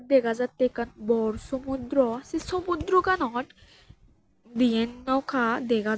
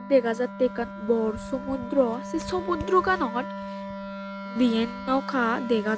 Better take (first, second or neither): first